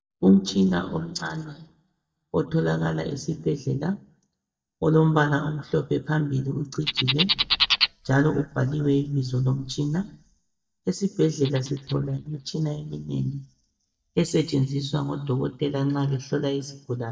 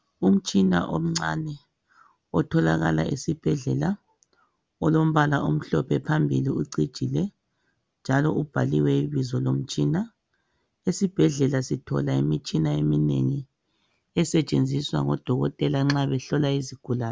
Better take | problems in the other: second | noise reduction (neural mask model DeepFilterNet 3)

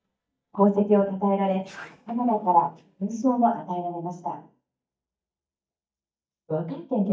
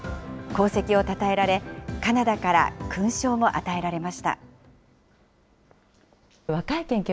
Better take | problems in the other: second | noise reduction (neural mask model DeepFilterNet 3)

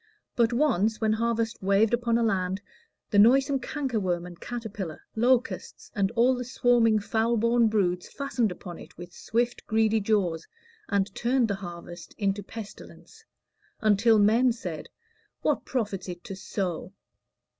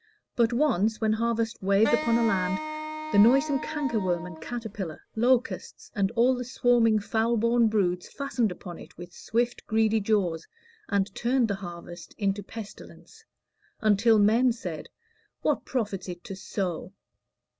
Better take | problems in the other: first | background sound (Wind instrument, woodwind instrument); 8 dB below the speech

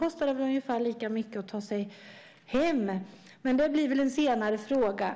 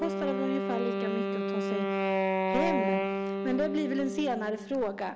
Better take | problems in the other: first | background sound (Wind instrument, woodwind instrument); 2 dB above the speech

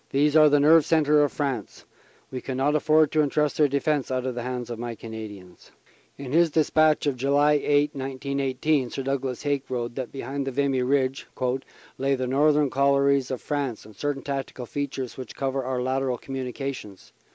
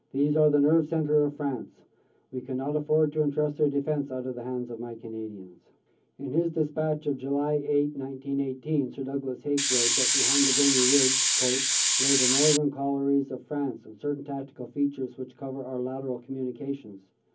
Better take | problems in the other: first | background sound (Hiss); 5 dB above the speech // room echo; dies away in 0.3 s

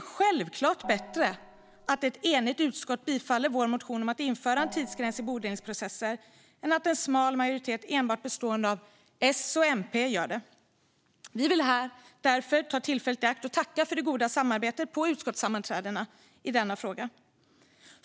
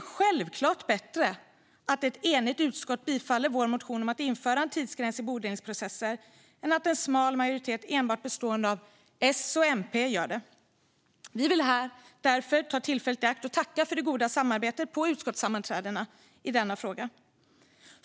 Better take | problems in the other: second | background sound (Gong); 15 dB below the speech

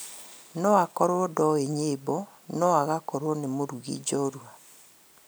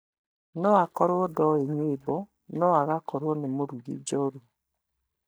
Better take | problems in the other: first | noise reduction (neural mask model DeepFilterNet 3)

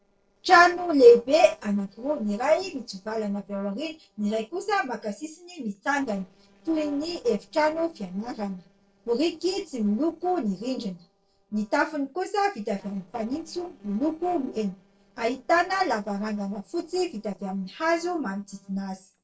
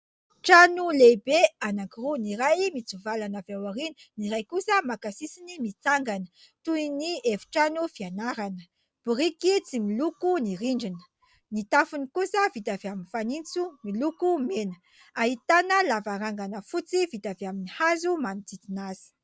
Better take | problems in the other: second | noise reduction (neural separator model SepFormer DNS4)

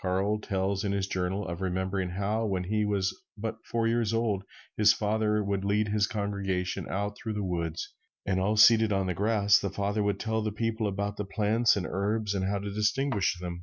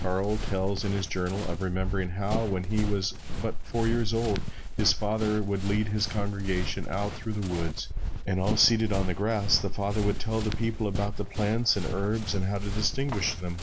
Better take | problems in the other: first | background sound (Run); 2 dB below the speech

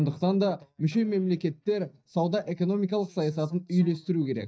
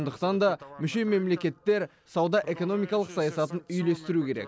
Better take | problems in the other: second | noise reduction (neural mask model DeepFilterNet 3)

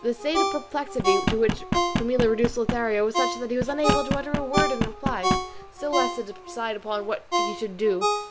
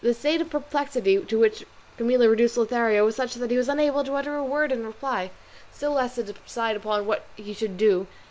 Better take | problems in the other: second | background sound (Ringtone + Knock); as loud as the speech

